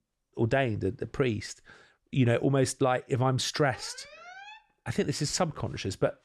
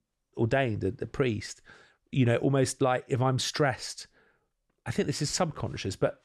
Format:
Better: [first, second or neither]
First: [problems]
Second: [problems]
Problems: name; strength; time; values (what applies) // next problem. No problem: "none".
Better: second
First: alarm; faint; at 3.5 s; peak 15 dB below the speech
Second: none